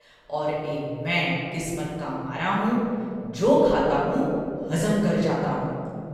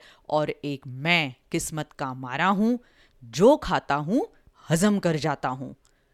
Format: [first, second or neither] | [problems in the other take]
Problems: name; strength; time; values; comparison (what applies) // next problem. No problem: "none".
second | room echo; strong; dies away in 2.6 s // off-mic speech; far